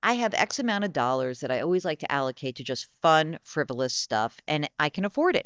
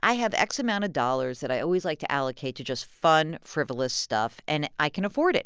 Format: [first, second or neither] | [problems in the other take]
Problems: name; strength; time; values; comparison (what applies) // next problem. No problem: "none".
second | noise reduction (neural mask model DeepFilterNet 3)